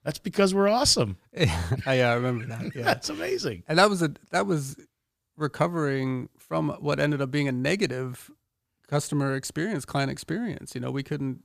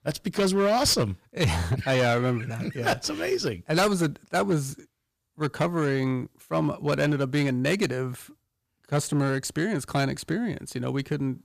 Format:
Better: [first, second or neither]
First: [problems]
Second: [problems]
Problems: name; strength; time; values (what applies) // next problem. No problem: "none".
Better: first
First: none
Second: distortion; slight; 6% of the sound clipped